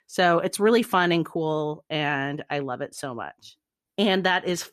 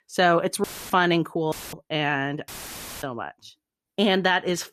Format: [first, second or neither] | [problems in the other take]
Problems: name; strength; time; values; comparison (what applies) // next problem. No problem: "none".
first | audio cutting out; filled with static; at 0.5 s, at 1.5 s and at 2.5 s for 0.5 s